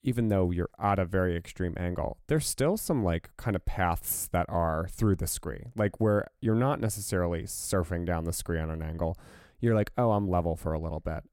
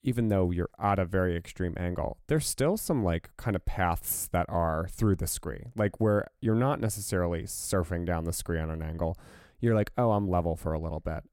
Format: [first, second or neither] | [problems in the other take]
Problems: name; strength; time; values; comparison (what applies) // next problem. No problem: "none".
neither | none